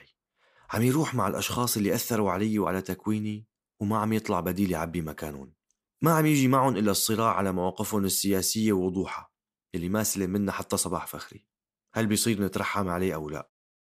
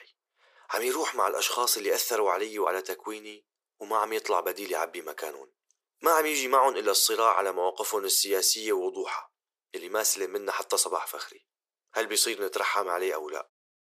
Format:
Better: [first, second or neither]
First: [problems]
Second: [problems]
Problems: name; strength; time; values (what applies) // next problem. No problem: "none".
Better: first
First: none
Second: thin; very; fading below 400 Hz